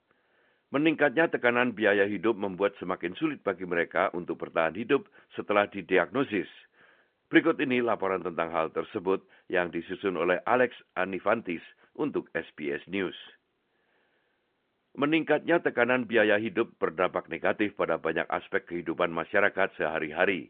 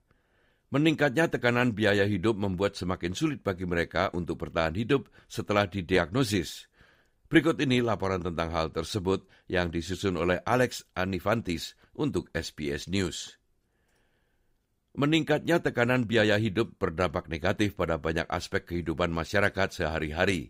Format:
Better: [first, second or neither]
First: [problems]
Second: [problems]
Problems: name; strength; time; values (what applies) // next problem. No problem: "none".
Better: second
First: phone-call audio; nothing above 3.5 kHz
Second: none